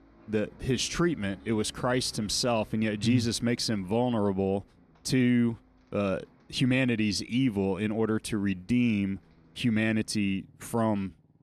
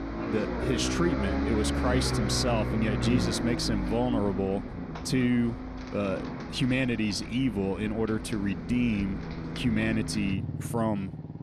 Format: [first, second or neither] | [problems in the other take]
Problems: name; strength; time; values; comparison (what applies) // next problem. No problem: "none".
first | traffic noise; loud; throughout; 4 dB below the speech; faint in the first